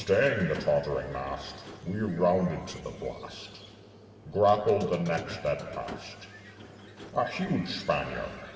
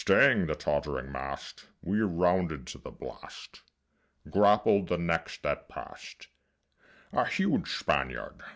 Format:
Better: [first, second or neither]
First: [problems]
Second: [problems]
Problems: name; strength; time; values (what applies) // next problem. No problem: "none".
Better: second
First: background sound (Squeak); 16 dB below the speech // room echo; dies away in 2.1 s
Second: none